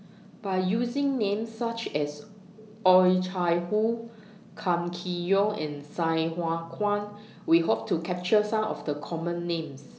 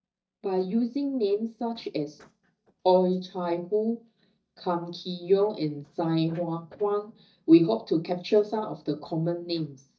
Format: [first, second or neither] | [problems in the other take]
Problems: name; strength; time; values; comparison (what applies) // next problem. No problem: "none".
first | noise reduction (neural mask model DeepFilterNet 3)